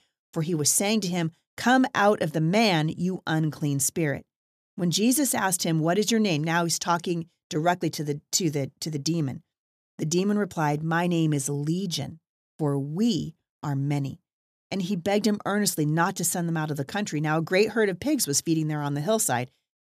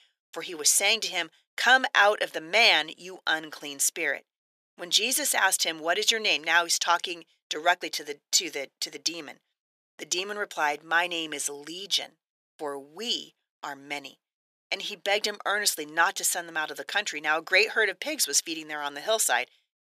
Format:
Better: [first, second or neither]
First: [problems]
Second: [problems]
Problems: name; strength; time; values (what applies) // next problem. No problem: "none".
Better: first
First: none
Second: thin; very; fading below 500 Hz